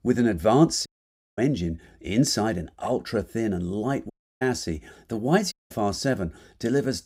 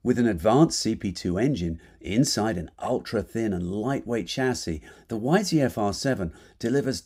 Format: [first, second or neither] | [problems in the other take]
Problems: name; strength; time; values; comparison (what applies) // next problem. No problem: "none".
second | audio cutting out; at 1 s for 0.5 s, at 4 s and at 5.5 s